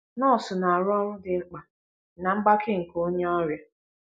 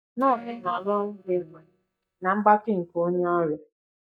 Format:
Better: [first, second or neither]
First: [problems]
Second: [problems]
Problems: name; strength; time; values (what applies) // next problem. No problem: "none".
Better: first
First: none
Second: noise reduction (neural mask model DeepFilterNet 3)